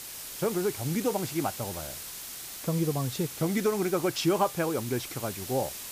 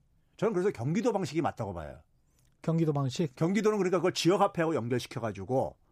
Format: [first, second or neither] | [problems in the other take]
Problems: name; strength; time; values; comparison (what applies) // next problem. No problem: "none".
second | hiss; loud; throughout; 8 dB below the speech